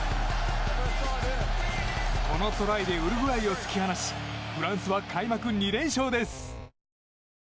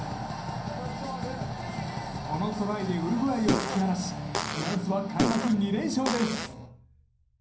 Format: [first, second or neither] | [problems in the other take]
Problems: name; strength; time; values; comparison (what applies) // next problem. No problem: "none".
first | background sound (Fart); 2 dB below the speech // room echo; dies away in 0.6 s